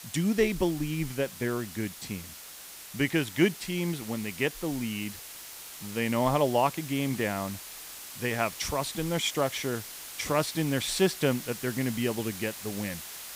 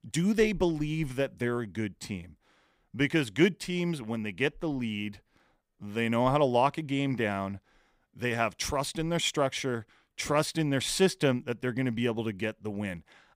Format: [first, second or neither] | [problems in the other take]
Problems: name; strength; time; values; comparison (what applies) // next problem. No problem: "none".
second | hiss; noticeable; throughout; 10 dB below the speech